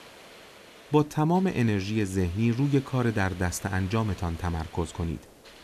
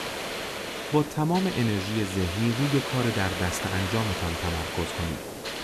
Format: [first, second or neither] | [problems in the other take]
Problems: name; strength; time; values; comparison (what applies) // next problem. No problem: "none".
first | hiss; loud; throughout; 4 dB below the speech; faint in the first